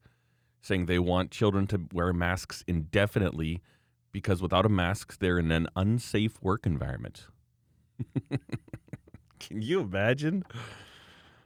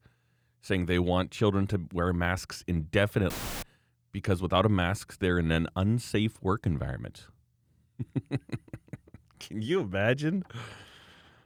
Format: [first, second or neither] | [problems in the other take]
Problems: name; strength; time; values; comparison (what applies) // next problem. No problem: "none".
first | audio cutting out; filled with static; at 3.5 s